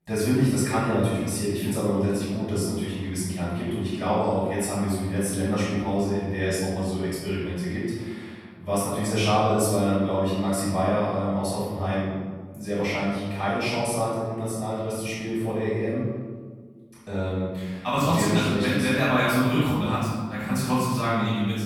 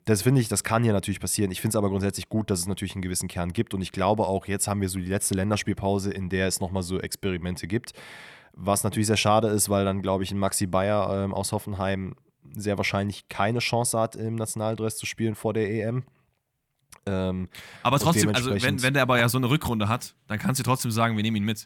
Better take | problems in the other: second | off-mic speech; far // room echo; strong; dies away in 1.4 s

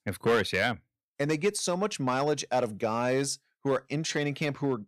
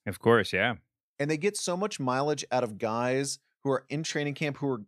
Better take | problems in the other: second | distortion; slight; 3% of the sound clipped

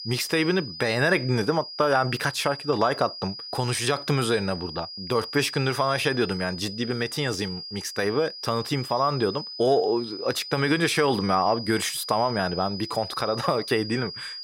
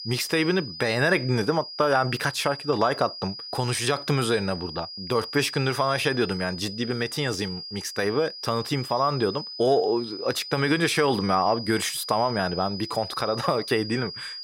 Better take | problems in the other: neither | high-pitched whine; loud; throughout; 5 kHz, 10 dB below the speech; the same in both

